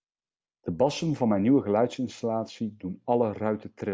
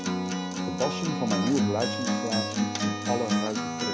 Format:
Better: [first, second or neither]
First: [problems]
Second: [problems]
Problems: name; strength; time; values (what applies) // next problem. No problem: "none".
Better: first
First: none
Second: background sound (Acoustic guitar); 3 dB above the speech